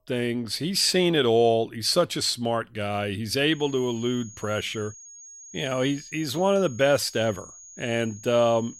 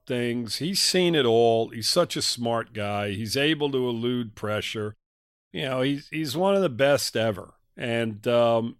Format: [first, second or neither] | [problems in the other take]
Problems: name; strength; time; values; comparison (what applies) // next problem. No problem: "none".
second | high-pitched whine; noticeable; from 3.5 s on; 6.5 kHz, 20 dB below the speech